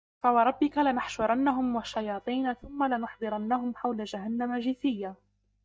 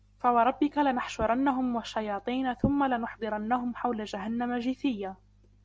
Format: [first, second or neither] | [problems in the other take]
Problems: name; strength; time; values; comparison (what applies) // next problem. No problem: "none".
second | noise reduction (neural mask model DeepFilterNet 3)